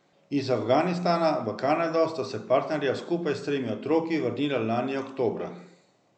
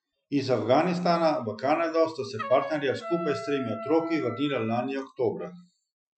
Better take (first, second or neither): first